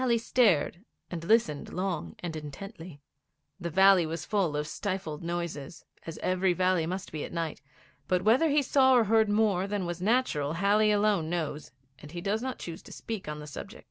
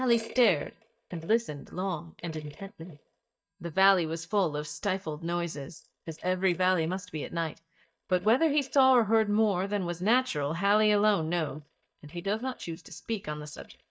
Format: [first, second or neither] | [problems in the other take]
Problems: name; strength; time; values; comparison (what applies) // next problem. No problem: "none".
first | noise reduction (neural mask model DeepFilterNet 3)